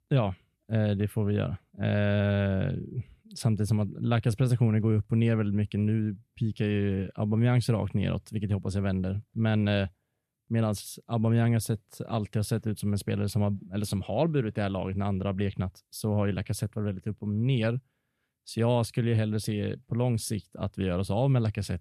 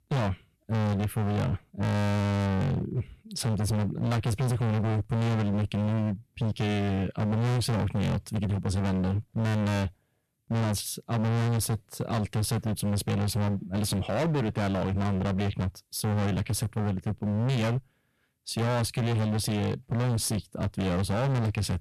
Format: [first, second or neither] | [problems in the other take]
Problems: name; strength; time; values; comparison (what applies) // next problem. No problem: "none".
first | distortion; heavy; 38% of the sound clipped